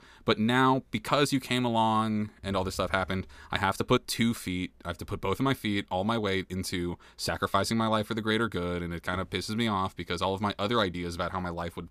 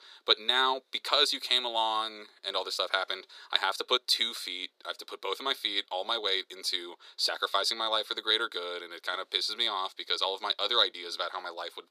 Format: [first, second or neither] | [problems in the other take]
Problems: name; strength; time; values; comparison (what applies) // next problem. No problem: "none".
first | thin; very; fading below 400 Hz